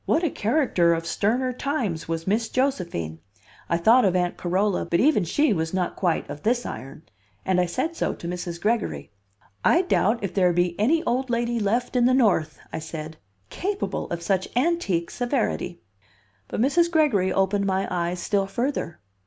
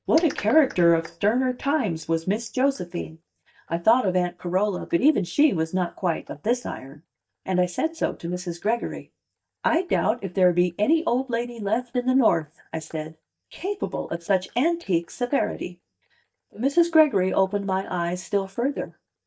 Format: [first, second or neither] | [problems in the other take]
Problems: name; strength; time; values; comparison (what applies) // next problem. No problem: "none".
first | noise reduction (neural mask model DeepFilterNet 3)